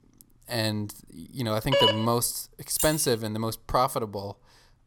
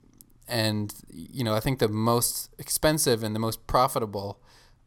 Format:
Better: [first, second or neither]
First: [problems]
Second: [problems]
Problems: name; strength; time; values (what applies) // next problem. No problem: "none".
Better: second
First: phone ringing; loud; at 1.5 s; peak 5 dB above the speech // jangling keys; noticeable; at 3 s; peak 2 dB below the speech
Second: none